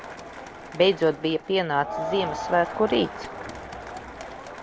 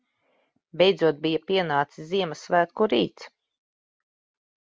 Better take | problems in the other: second | background sound (Crowd); 9 dB below the speech

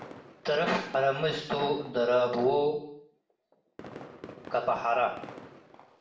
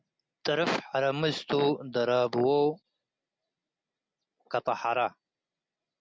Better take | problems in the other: second | background sound (Fireworks); 19 dB below the speech // room echo; dies away in 0.7 s

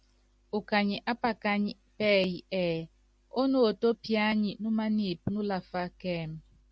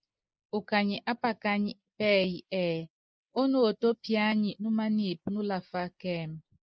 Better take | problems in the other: first | noise reduction (neural mask model Resemble Enhance denoiser)

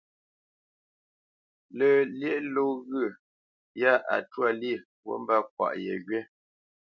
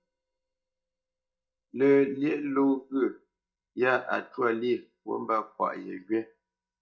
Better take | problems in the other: first | noise reduction (neural mask model DeepFilterNet 3)

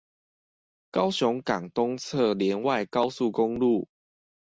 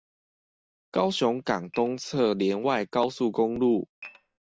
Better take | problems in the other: first | background sound (Dishes, pots, and pans / Glass); 19 dB below the speech

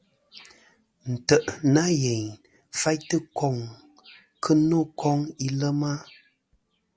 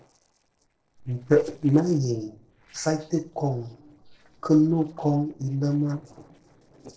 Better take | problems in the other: first | noise reduction (neural separator model SepFormer DNS4)

